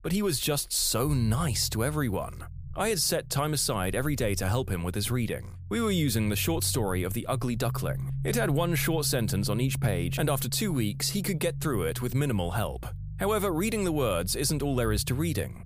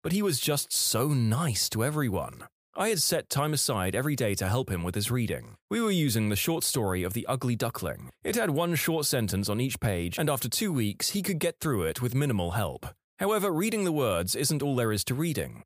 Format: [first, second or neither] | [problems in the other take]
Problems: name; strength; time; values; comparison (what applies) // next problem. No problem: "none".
second | low rumble; noticeable; throughout; 20 dB below the speech